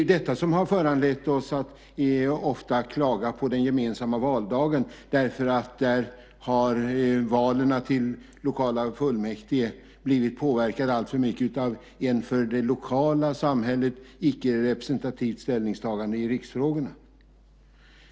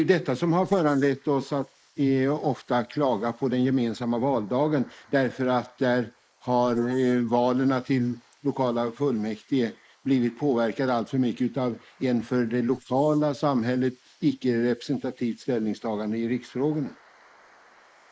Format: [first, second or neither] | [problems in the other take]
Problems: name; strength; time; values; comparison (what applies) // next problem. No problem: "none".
first | noise reduction (neural mask model Resemble Enhance denoiser)